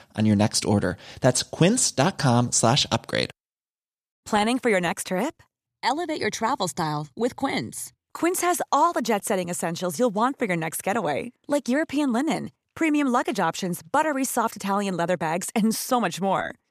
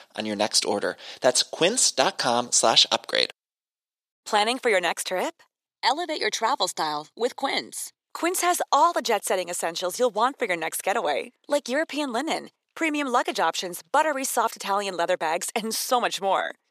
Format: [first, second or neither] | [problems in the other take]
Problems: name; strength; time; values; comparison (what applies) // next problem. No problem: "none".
first | thin; somewhat; fading below 450 Hz